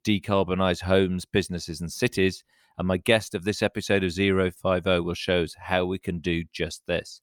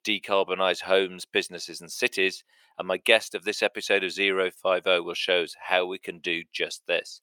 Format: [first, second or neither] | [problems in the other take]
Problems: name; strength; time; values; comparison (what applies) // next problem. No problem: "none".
first | thin; somewhat; fading below 500 Hz